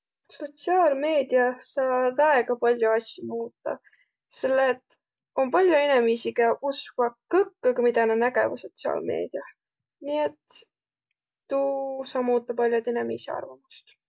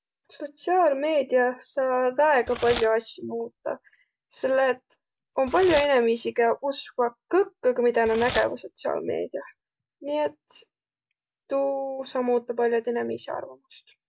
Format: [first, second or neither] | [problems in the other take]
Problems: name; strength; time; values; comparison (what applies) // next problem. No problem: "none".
first | background sound (Packing tape, duct tape / Tearing); 15 dB below the speech